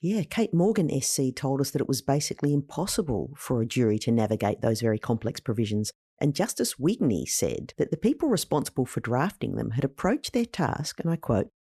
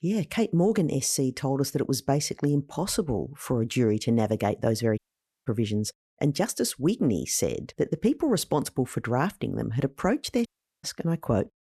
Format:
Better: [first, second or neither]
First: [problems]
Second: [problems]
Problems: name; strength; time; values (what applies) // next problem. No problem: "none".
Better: first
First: none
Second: audio cutting out; at 5 s and at 10 s